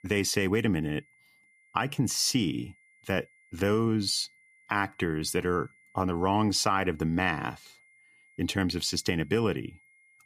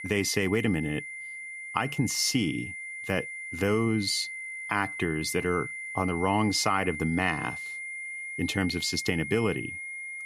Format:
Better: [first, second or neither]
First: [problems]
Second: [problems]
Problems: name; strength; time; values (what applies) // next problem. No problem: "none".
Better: first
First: high-pitched whine; faint; throughout; 2 kHz, 30 dB below the speech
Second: high-pitched whine; loud; throughout; 2 kHz, 7 dB below the speech